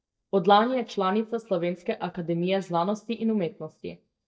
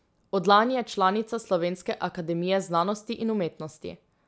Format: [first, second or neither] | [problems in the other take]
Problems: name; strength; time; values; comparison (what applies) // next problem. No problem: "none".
second | noise reduction (neural mask model DeepFilterNet 3)